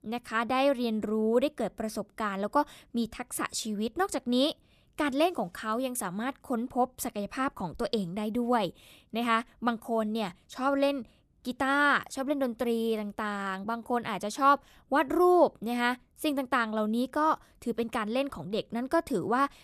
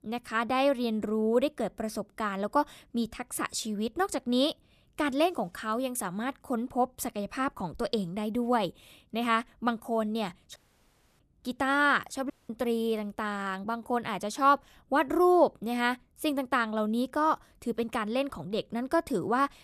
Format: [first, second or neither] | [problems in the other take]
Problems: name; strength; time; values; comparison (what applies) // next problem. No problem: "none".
first | audio cutting out; at 11 s for 0.5 s and at 12 s